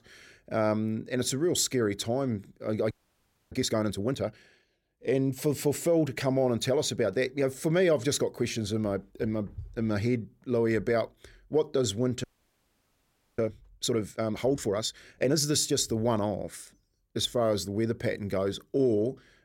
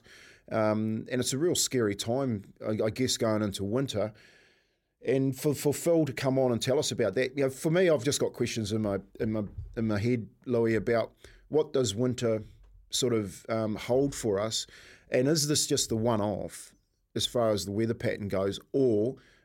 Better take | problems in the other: second | audio freezing; at 3 s for 0.5 s and at 12 s for 1 s

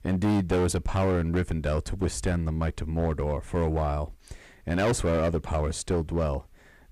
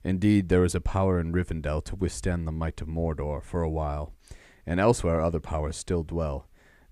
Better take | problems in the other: second | distortion; heavy; 13% of the sound clipped

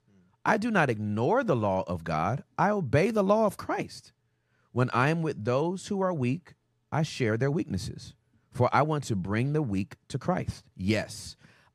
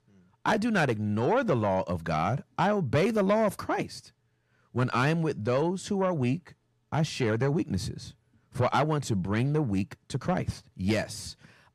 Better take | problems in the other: first | distortion; slight; 10 dB below the speech

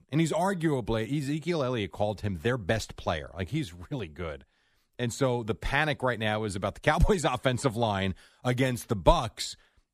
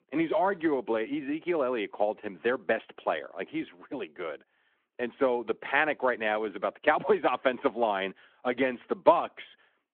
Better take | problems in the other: first | phone-call audio

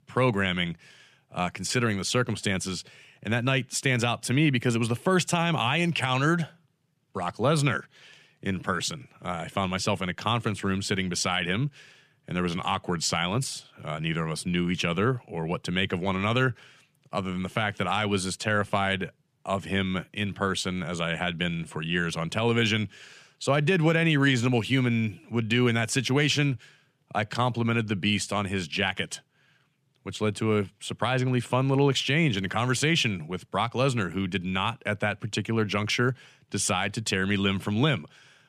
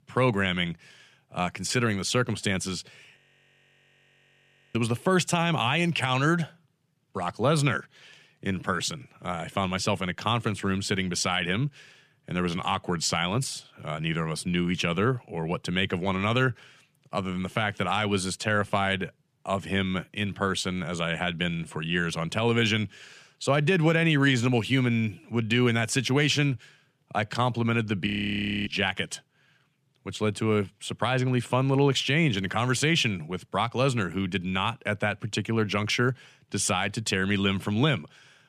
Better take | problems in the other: first | audio freezing; at 3 s for 1.5 s and at 28 s for 0.5 s

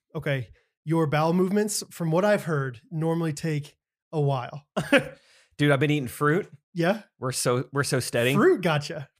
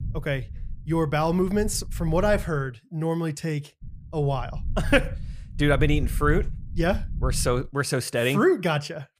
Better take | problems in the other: first | low rumble; faint; until 2.5 s and from 4 to 7.5 s; 25 dB below the speech

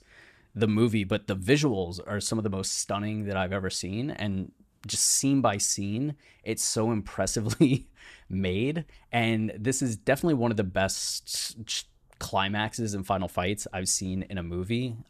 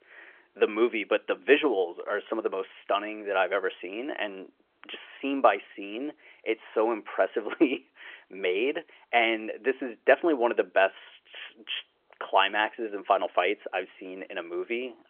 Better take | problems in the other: first | phone-call audio; nothing above 3.5 kHz

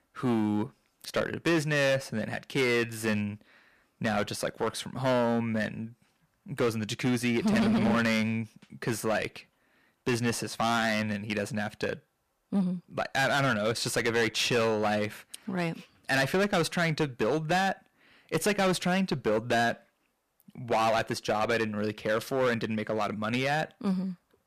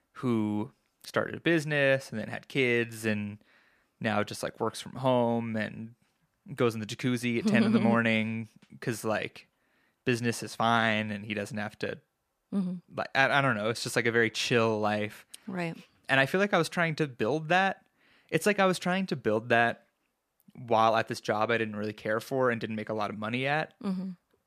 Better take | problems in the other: second | distortion; heavy; 9% of the sound clipped

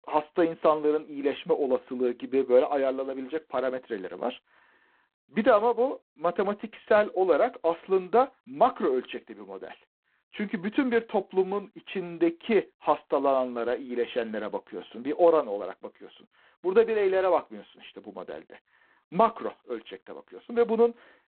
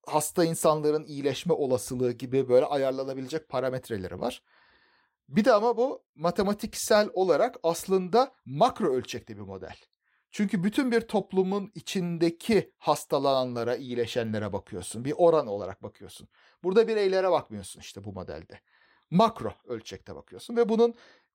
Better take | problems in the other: second | phone-call audio; poor line; nothing above 4 kHz

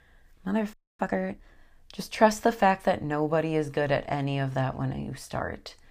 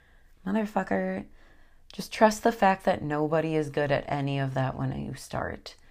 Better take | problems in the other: second | audio freezing; at 0.5 s

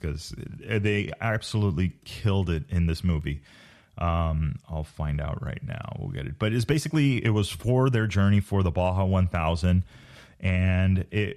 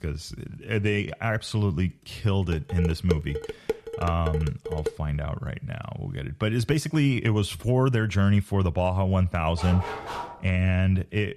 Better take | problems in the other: first | clattering dishes; noticeable; from 2.5 to 5 s; peak 5 dB below the speech // dog barking; noticeable; at 9.5 s; peak 7 dB below the speech

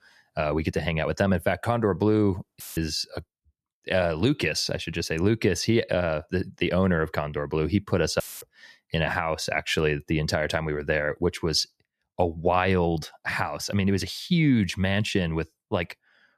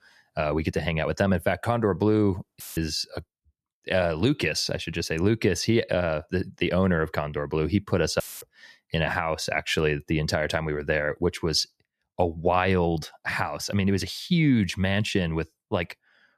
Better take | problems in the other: neither | audio cutting out; filled with static; at 2.5 s and at 8 s; the same in both

